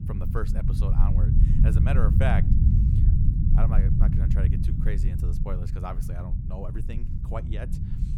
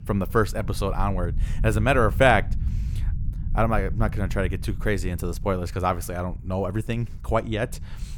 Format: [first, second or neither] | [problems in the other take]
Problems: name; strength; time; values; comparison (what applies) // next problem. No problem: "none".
second | low rumble; loud; throughout; 1 dB below the speech; faint in the second